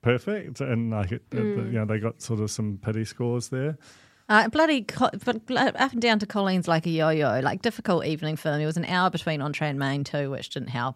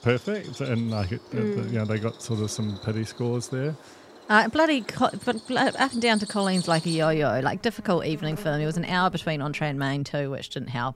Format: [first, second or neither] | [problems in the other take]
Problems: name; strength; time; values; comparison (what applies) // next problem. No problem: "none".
first | animal sounds; noticeable; throughout; 15 dB below the speech